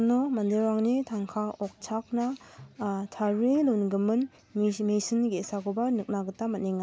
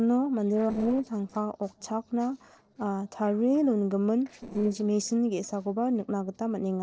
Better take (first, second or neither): first